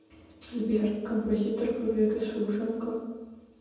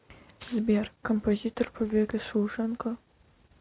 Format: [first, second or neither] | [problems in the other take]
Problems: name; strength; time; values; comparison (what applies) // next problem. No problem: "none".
second | room echo; dies away in 1.1 s